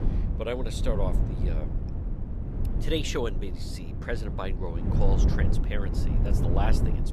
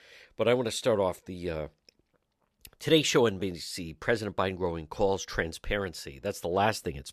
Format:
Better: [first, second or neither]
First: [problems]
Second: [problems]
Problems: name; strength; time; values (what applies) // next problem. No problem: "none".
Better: second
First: low rumble; loud; throughout; 6 dB below the speech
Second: none